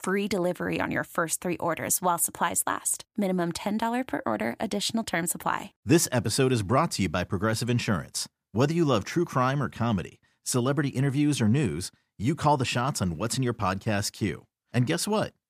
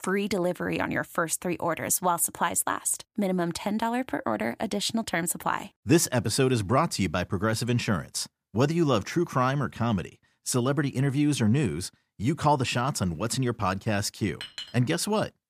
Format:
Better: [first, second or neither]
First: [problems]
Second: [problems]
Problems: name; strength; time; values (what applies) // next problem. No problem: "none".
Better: first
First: none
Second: clattering dishes; faint; at 14 s; peak 10 dB below the speech